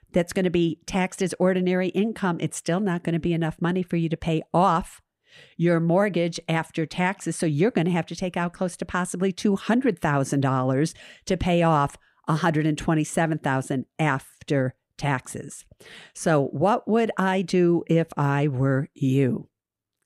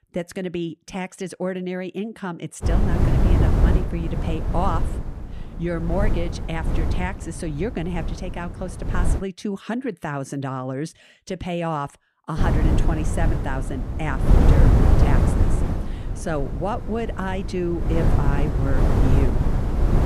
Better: first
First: none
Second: wind noise on the microphone; heavy; from 2.5 to 9 s and from 12 s on; 2 dB below the speech

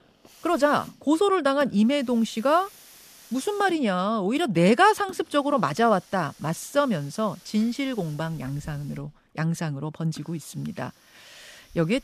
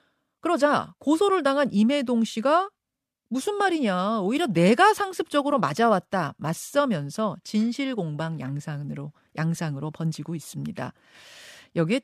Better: second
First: hiss; faint; throughout; 25 dB below the speech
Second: none

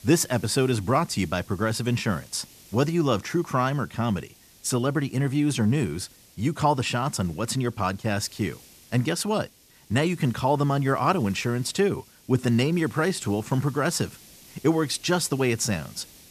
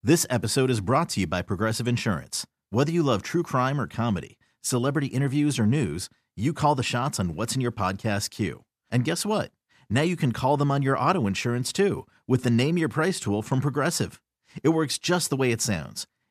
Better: second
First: hiss; faint; throughout; 25 dB below the speech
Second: none

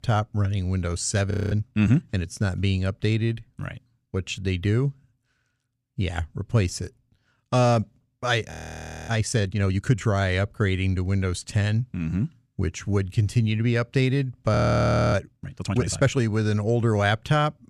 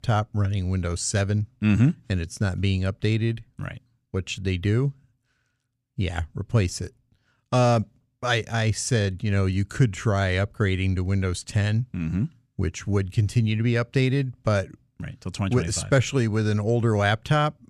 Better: second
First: audio freezing; at 1.5 s, at 8.5 s for 0.5 s and at 15 s for 0.5 s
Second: none

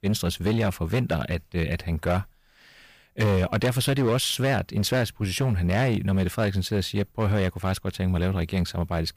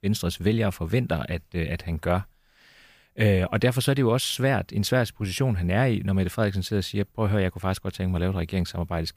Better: second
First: distortion; slight; 9% of the sound clipped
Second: none

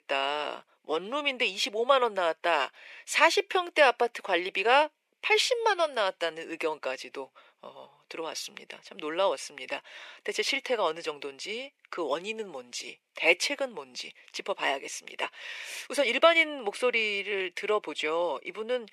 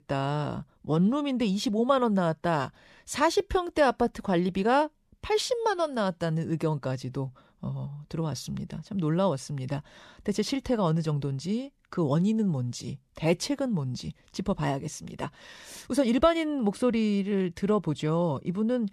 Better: second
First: thin; very; fading below 400 Hz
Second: none

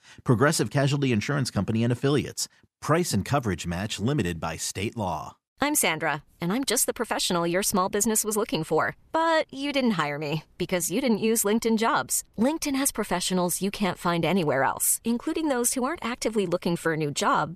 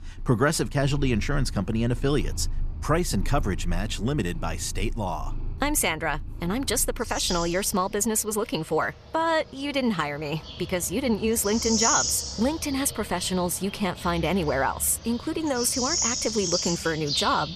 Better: first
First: none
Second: animal sounds; loud; throughout; 5 dB below the speech

